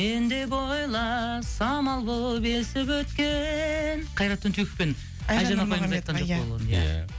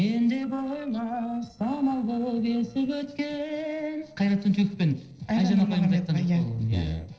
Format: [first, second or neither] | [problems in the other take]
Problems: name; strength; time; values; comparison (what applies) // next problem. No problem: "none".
first | noise reduction (neural separator model SepFormer DNS4)